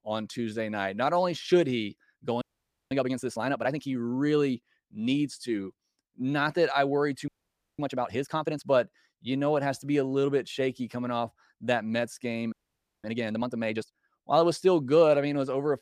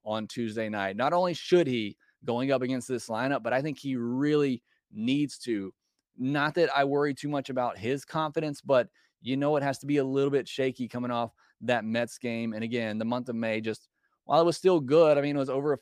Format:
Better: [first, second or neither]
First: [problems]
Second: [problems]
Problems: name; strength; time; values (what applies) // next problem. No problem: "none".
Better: second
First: audio freezing; at 2.5 s, at 7.5 s for 0.5 s and at 13 s for 0.5 s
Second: none